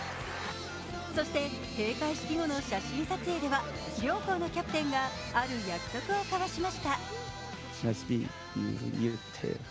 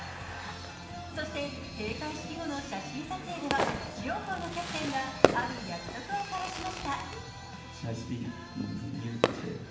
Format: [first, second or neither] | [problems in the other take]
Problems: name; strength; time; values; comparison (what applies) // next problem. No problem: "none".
first | background sound (Fireworks); as loud as the speech // room echo; dies away in 1.1 s